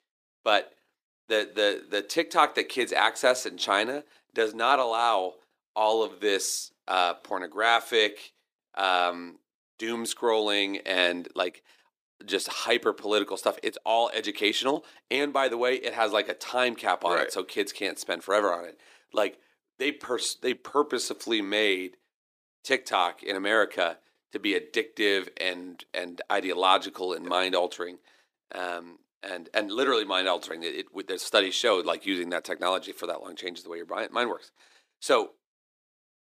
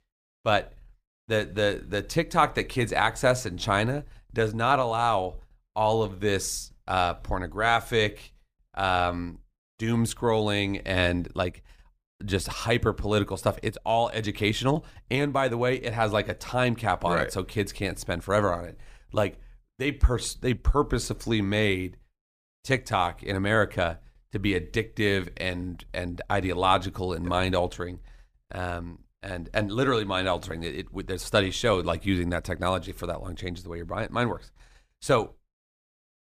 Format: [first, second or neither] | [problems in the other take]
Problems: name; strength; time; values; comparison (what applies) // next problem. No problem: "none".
second | thin; somewhat; fading below 300 Hz